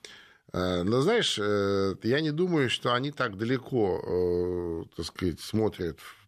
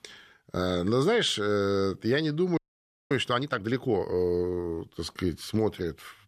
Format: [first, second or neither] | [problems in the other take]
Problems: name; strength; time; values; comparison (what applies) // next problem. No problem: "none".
first | audio freezing; at 2.5 s for 0.5 s